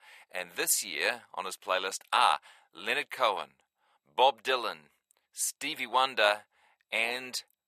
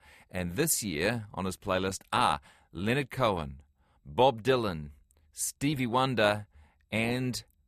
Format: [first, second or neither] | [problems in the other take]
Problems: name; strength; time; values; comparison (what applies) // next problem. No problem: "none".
second | thin; very; fading below 750 Hz